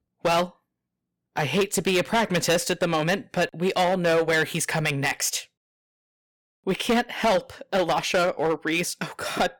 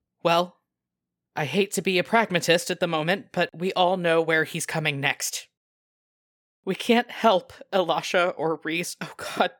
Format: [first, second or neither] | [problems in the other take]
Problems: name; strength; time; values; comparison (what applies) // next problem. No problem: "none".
second | distortion; heavy; 8% of the sound clipped